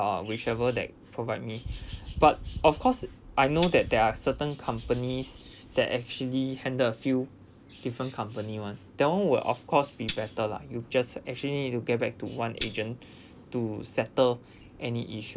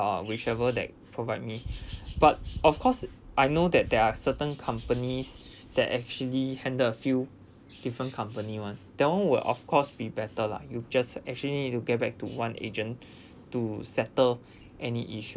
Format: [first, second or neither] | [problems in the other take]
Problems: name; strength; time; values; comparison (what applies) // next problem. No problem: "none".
second | background sound (Tambourine); 15 dB below the speech